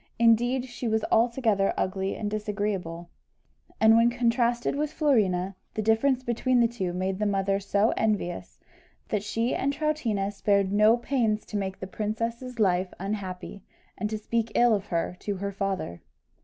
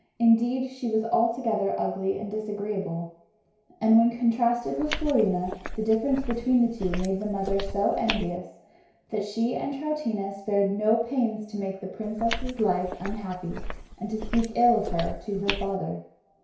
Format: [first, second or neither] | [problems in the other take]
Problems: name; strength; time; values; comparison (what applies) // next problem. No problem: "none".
first | background sound (Walk, footsteps); 7 dB below the speech // room echo; dies away in 0.6 s